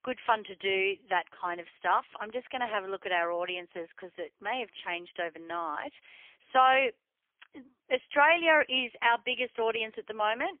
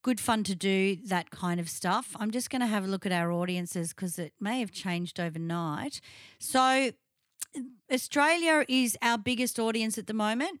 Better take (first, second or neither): second